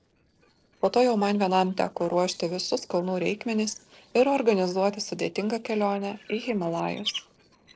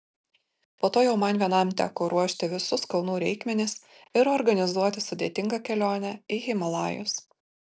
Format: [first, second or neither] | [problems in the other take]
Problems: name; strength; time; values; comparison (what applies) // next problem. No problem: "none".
second | noise reduction (neural separator model SepFormer DNS4)